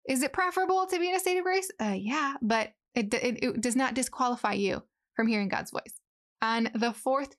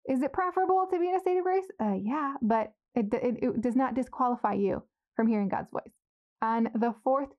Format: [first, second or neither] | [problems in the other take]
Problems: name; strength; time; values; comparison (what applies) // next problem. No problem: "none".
first | muffled; very; fading above 2 kHz